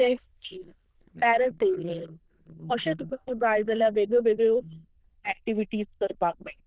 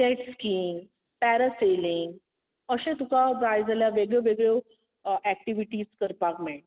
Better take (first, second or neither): second